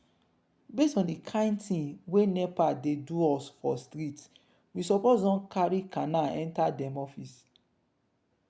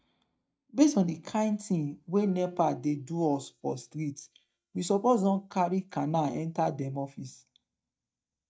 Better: first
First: none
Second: noise reduction (neural mask model DeepFilterNet 3)

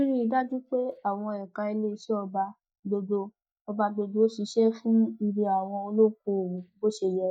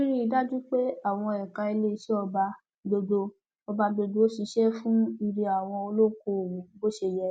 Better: second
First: noise reduction (neural mask model DeepFilterNet 3)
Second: none

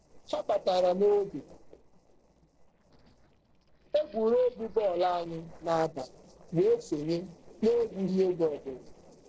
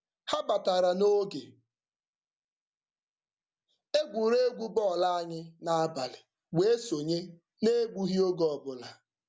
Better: second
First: noise reduction (neural separator model SepFormer DNS4)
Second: none

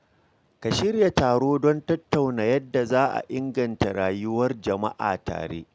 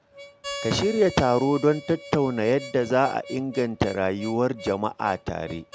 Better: first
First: none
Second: background sound (Harmonica); 16 dB below the speech

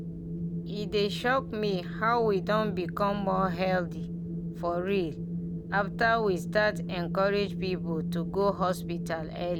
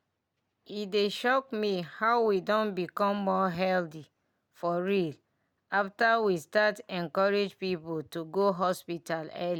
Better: second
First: background sound (Wind); 5 dB below the speech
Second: none

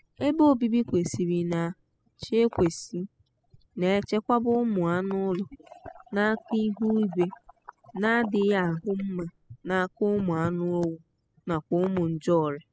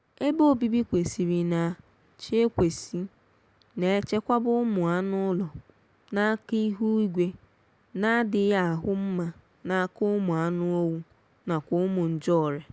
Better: second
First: noise reduction (classical method spectral subtraction)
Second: none

